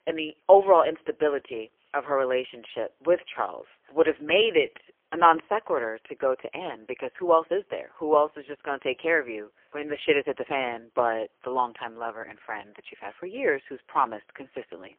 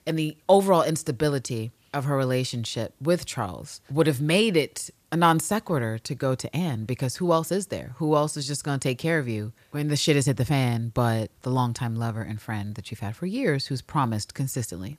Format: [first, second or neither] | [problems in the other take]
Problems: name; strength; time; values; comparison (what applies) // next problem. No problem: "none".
second | phone-call audio; poor line; nothing above 3 kHz